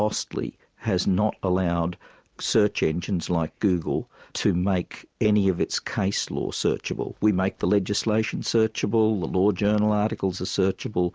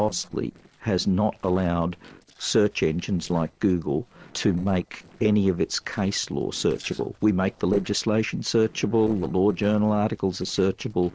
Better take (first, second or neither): first